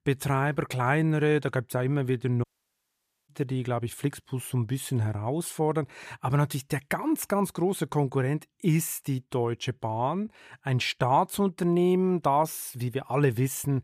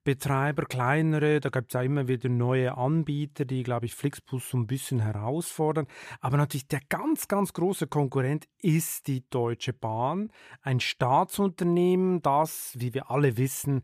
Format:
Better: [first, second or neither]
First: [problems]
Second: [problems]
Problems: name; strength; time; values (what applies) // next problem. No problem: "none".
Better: second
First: audio cutting out; at 2.5 s for 1 s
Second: none